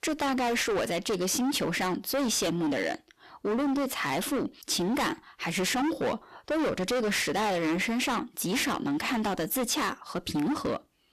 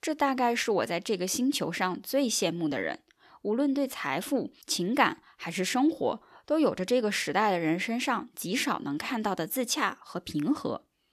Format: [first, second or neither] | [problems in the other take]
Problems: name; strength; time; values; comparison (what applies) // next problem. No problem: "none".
second | distortion; heavy; 27% of the sound clipped